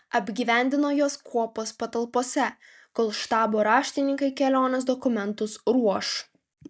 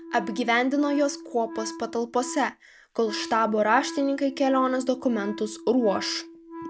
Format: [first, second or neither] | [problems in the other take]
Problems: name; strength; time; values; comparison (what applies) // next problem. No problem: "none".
first | background sound (Wind instrument, woodwind instrument); 13 dB below the speech